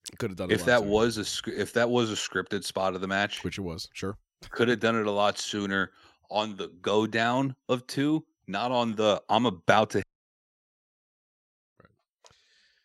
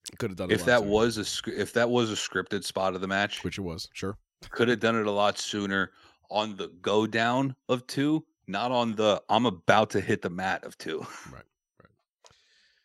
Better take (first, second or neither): second